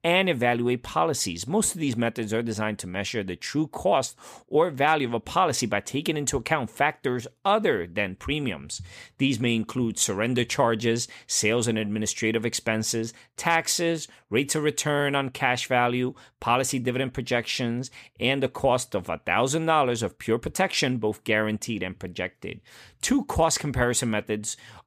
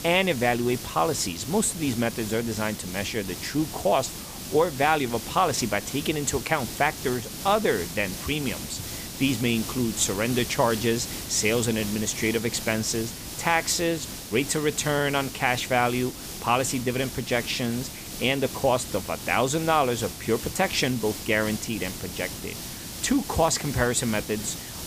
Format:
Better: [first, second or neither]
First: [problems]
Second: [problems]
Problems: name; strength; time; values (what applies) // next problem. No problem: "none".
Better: first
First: none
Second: hiss; loud; throughout; 9 dB below the speech